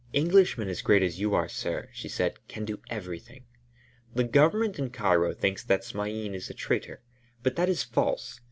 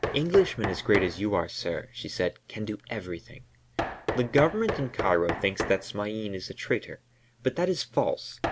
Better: first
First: none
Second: background sound (Knock); 8 dB below the speech

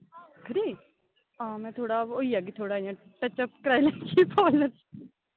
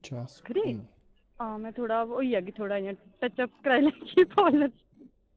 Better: first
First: none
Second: noise reduction (neural separator model SepFormer DNS4)

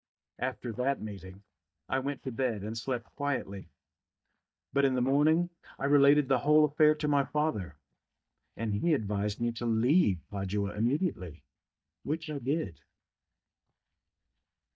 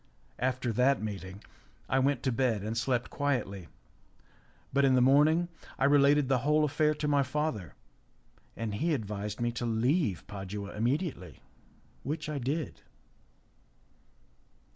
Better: second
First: noise reduction (neural mask model DeepFilterNet 3)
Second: none

